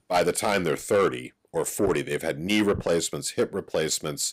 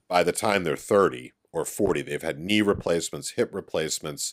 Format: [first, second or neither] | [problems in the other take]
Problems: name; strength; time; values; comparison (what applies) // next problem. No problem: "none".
second | distortion; slight; 10 dB below the speech